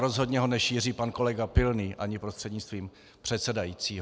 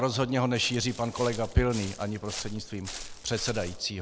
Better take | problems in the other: first | background sound (Walk, footsteps); 11 dB below the speech

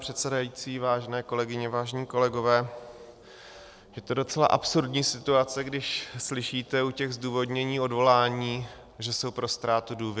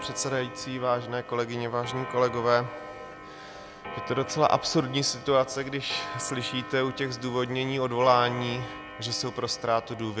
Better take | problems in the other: first | background sound (Clock); 12 dB below the speech

